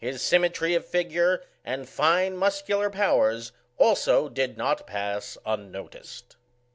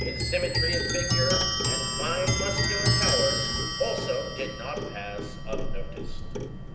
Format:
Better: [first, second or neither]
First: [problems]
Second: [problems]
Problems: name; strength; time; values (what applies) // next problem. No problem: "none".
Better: first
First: none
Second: background sound (Clock); 5 dB above the speech // room echo; dies away in 0.9 s